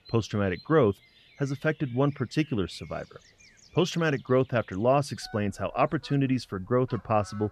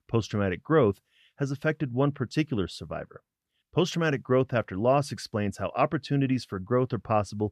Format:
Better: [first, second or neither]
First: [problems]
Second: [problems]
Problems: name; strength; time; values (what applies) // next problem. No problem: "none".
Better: second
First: animal sounds; faint; throughout; 25 dB below the speech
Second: none